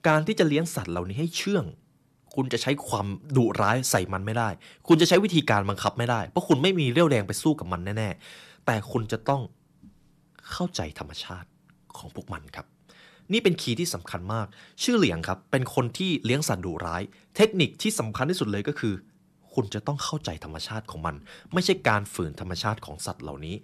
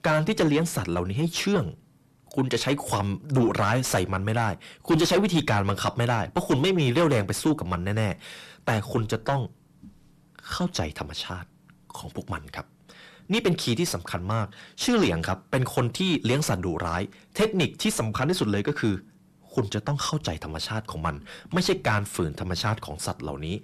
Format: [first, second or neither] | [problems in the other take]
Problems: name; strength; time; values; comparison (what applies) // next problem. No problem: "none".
first | distortion; heavy; 7 dB below the speech